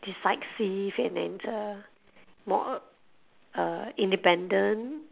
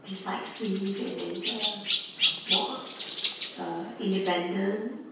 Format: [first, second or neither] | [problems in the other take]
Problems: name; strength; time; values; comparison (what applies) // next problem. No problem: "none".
first | background sound (Chirp, tweet); 1 dB below the speech // room echo; dies away in 0.6 s